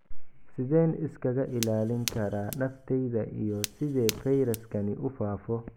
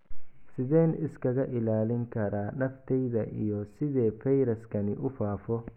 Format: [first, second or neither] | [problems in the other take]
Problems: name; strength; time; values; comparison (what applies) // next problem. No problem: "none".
second | background sound (Fire); 12 dB below the speech